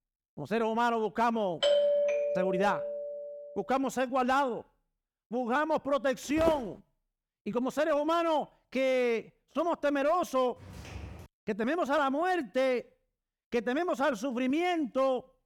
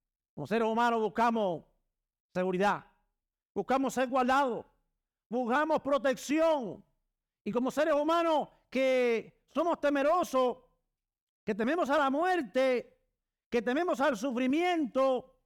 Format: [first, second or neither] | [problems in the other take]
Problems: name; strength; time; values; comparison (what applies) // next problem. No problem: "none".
second | doorbell; loud; from 1.5 to 3.5 s; peak 5 dB above the speech // footsteps; noticeable; at 6.5 s; peak 6 dB below the speech // footsteps; faint; at 11 s; peak 15 dB below the speech